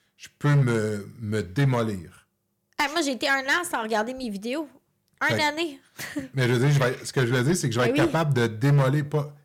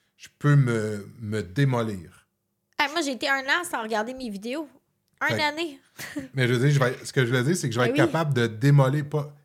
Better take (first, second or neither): second